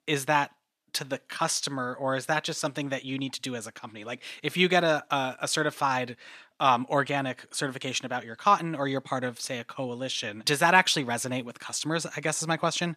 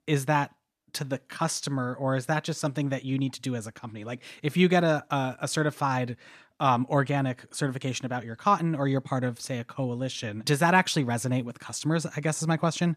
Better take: second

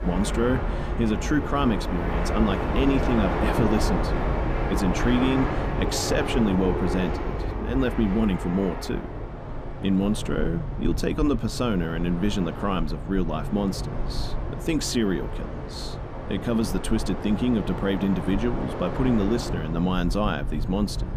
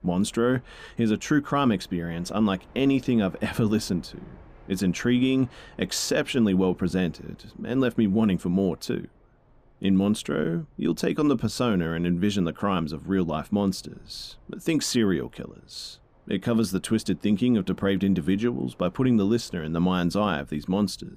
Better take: second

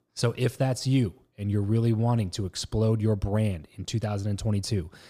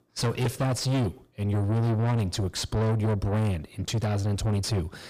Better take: first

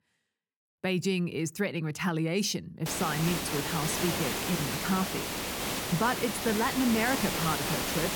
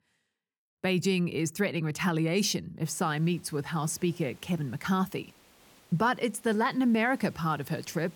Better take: second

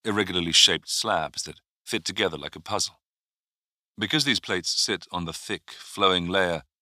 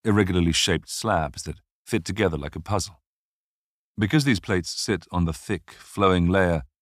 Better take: second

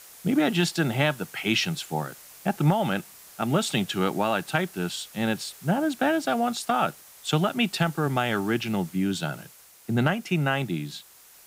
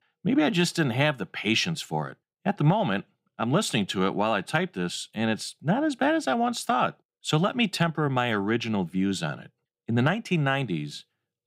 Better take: second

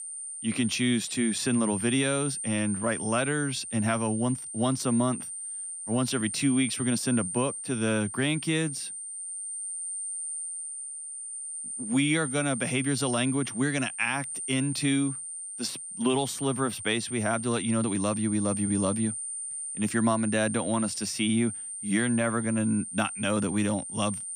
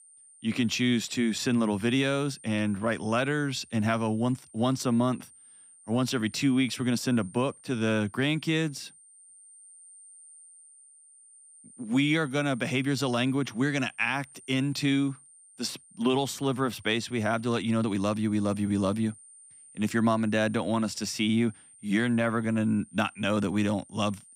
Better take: second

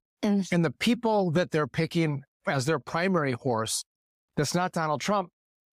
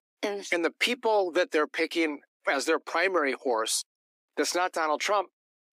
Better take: first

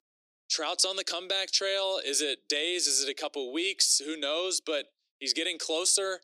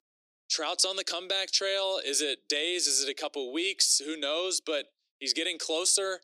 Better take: neither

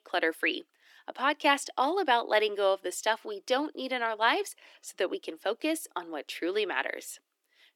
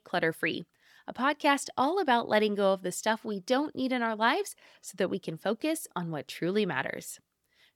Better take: second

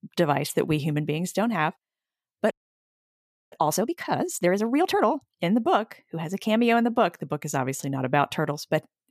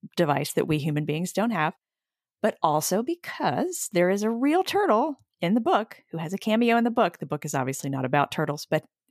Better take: second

